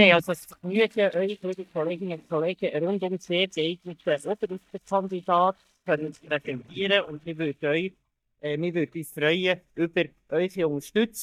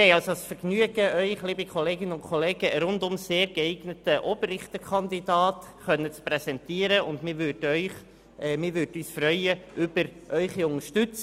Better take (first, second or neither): second